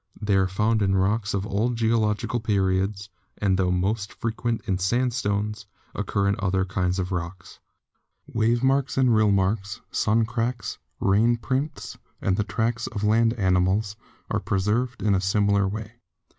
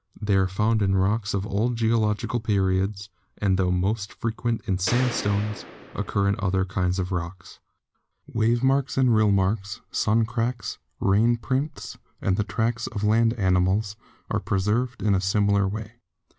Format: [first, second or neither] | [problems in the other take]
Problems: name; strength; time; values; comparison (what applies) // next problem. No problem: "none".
first | background sound (Gunshot, gunfire); 12 dB below the speech